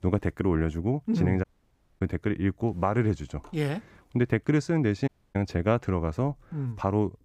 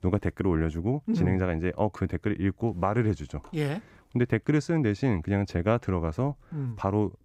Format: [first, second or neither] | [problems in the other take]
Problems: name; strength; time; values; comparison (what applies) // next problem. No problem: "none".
second | audio cutting out; at 1.5 s for 0.5 s and at 5 s